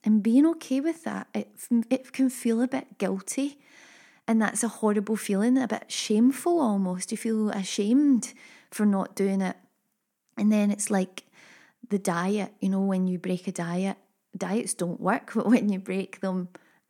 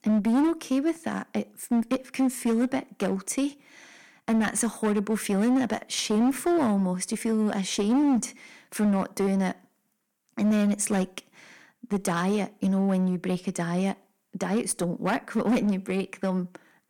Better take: first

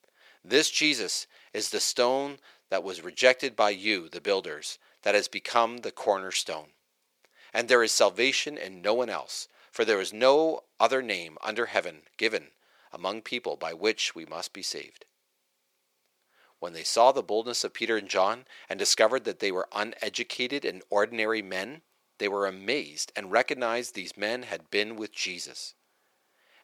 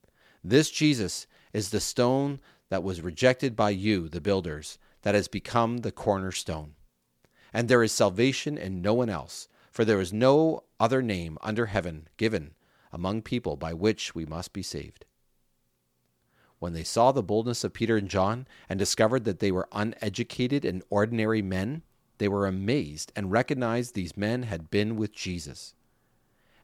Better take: second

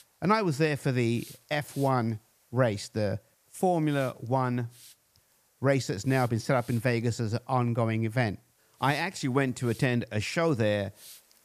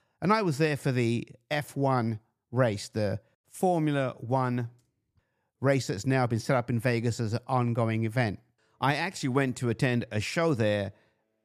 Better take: second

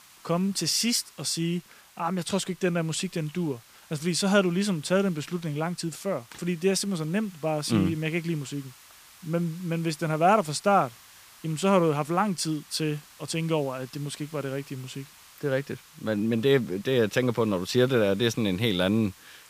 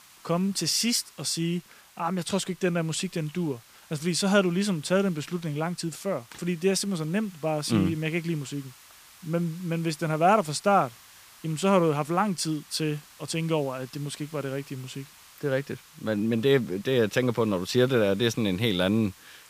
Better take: neither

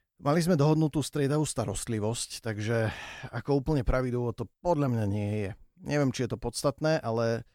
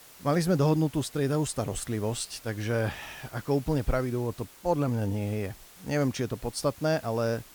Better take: first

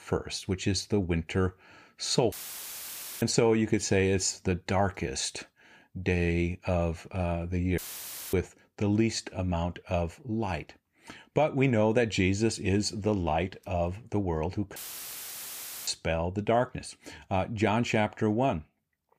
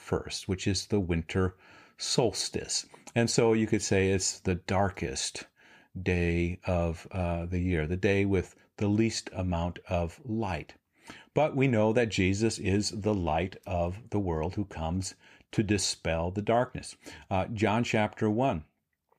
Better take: second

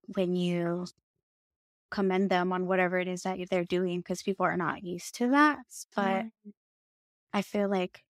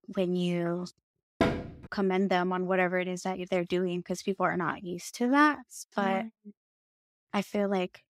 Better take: first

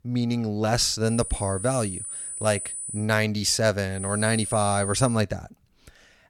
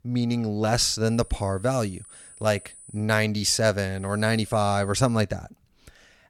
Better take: second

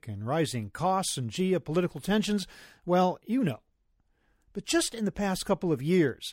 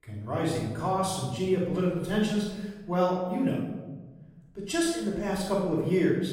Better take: first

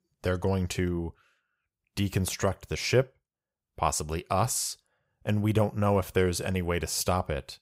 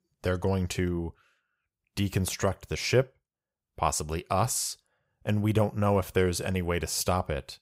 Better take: neither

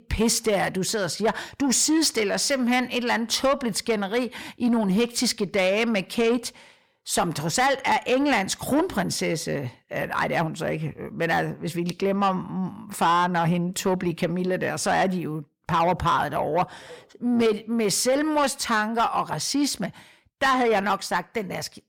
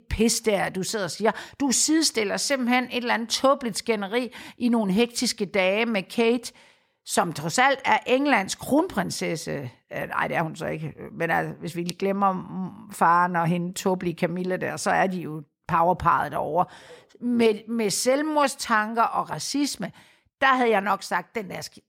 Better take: second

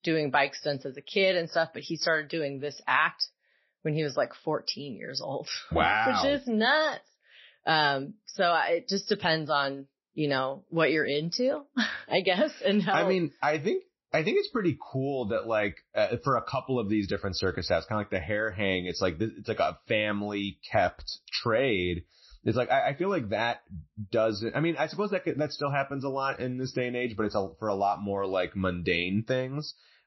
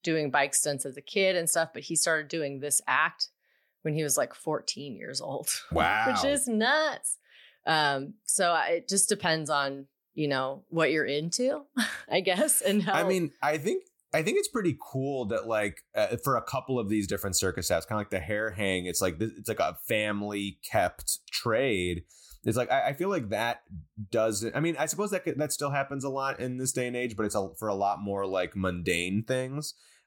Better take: second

